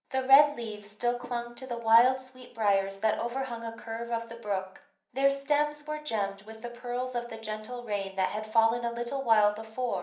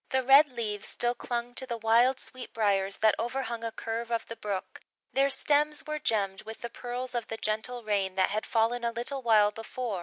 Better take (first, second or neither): second